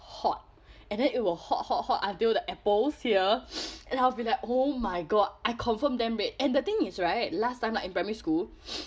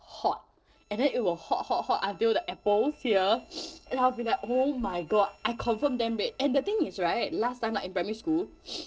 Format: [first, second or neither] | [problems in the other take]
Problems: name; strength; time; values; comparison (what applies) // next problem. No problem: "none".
first | noise reduction (neural separator model SepFormer DNS4)